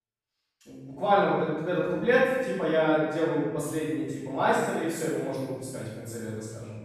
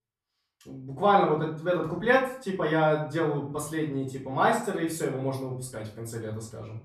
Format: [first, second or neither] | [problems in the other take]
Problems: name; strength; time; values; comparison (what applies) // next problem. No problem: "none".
second | room echo; strong; dies away in 1.4 s; slight in the second // off-mic speech; far; far in the second